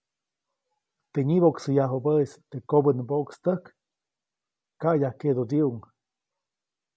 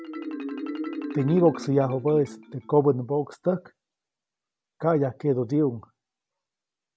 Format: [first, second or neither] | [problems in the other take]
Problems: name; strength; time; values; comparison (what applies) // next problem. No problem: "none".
first | background sound (Marimba, xylophone); 12 dB below the speech